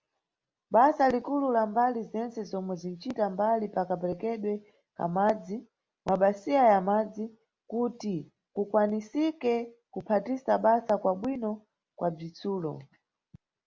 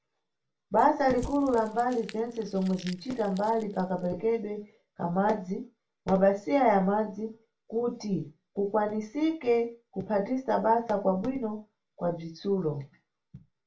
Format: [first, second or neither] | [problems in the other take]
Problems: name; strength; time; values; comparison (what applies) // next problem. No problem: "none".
first | background sound (Crumpling, crinkling / Crushing); 19 dB below the speech // room echo; dies away in 0.2 s